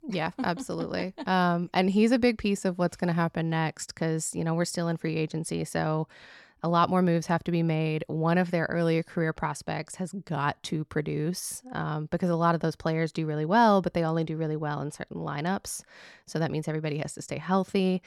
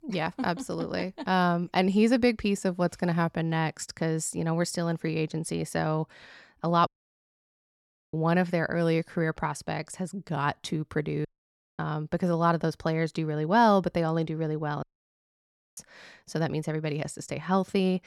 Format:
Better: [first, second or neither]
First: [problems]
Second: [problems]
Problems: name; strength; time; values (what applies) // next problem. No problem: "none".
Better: first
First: none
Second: audio cutting out; at 7 s for 1.5 s, at 11 s for 0.5 s and at 15 s for 1 s